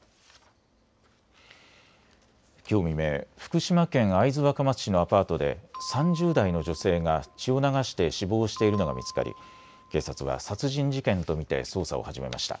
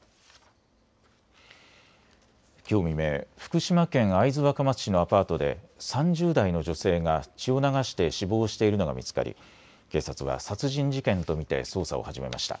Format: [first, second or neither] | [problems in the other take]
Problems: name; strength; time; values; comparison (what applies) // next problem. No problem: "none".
second | background sound (Bell); 18 dB below the speech